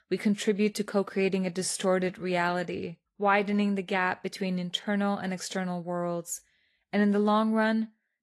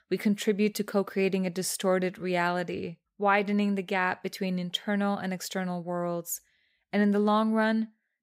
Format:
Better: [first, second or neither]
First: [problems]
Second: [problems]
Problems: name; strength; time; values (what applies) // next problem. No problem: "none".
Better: second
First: garbled, watery; slightly; nothing above 11.5 kHz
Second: none